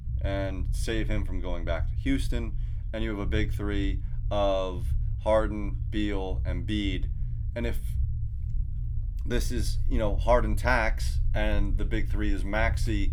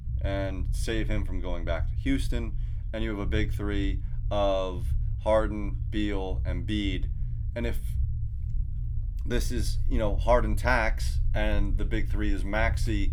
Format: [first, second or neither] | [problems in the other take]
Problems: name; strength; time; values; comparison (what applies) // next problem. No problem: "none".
neither | low rumble; noticeable; throughout; 20 dB below the speech; the same in both